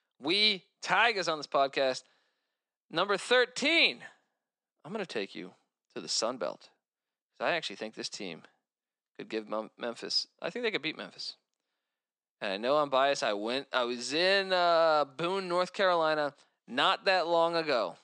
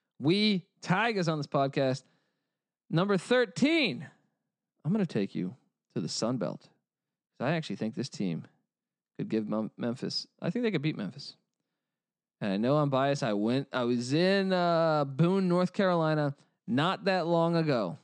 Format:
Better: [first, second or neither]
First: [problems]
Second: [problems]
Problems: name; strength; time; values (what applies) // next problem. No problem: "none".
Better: second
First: thin; very; fading below 550 Hz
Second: none